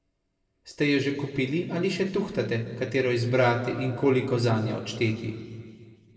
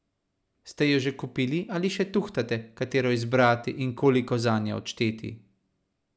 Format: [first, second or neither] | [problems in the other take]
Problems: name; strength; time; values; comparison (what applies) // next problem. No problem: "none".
second | room echo; dies away in 2.1 s